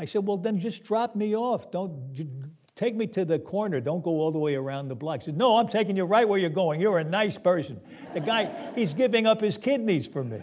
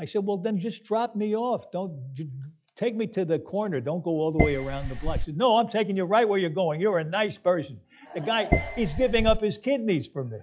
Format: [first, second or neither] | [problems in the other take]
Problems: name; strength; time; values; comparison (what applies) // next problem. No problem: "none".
first | noise reduction (classical method log-MMSE)